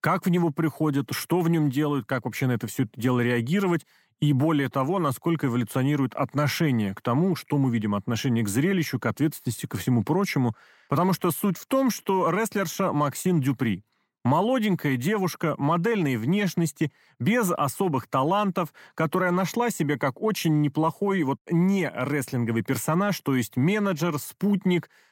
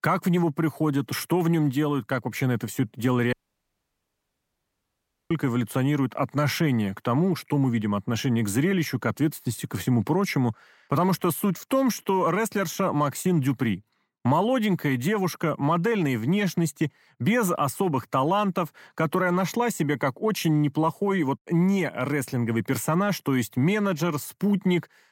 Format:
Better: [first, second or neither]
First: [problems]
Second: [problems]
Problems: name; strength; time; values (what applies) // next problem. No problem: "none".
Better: first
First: none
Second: audio cutting out; at 3.5 s for 2 s